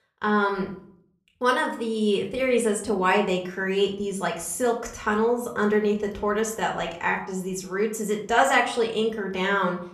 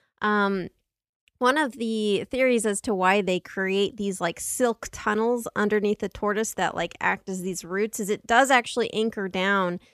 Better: second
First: room echo; slight; dies away in 0.4 s // off-mic speech; somewhat distant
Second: none

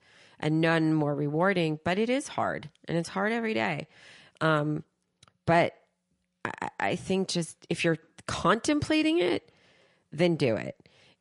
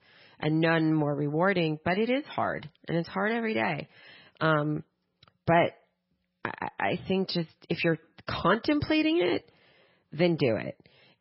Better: first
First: garbled, watery; slightly; nothing above 11 kHz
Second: garbled, watery; badly; nothing above 5.5 kHz

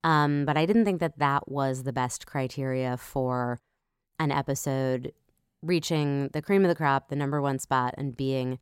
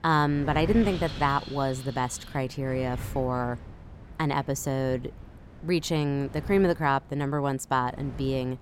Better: first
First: none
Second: wind noise on the microphone; occasional gusts; 15 dB below the speech

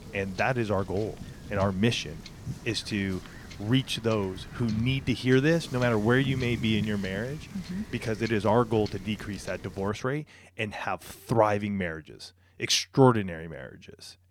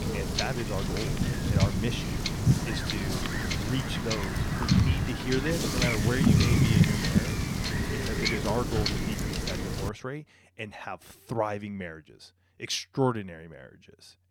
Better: first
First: wind noise on the microphone; occasional gusts; until 10 s; 15 dB below the speech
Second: wind noise on the microphone; heavy; until 10 s; 3 dB above the speech

